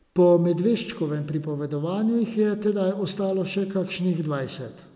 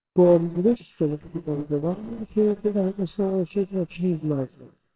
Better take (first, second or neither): first